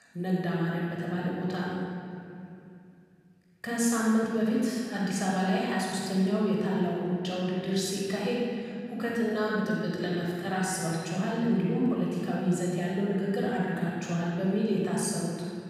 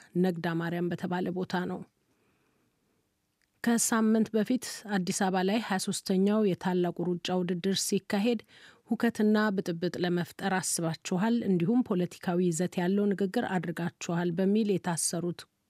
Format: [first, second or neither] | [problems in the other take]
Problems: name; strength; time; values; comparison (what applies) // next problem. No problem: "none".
second | off-mic speech; far // room echo; strong; dies away in 2.5 s